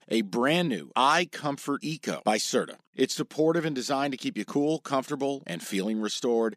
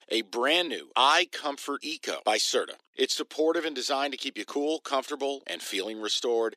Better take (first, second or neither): first